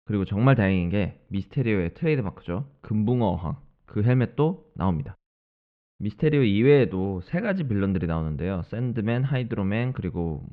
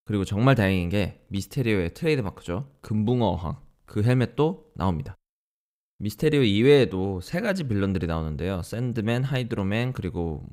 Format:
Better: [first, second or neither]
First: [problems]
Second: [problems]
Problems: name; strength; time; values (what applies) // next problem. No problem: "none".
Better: second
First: muffled; slightly; fading above 3 kHz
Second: none